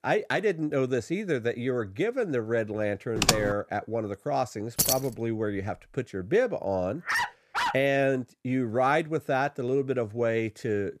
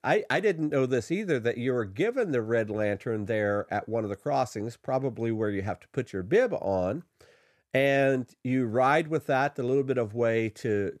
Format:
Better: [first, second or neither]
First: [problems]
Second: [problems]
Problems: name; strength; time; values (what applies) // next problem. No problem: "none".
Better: second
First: keyboard typing; loud; at 3 s; peak 4 dB above the speech // jangling keys; loud; at 5 s; peak 4 dB above the speech // dog barking; loud; at 7 s; peak level with the speech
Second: none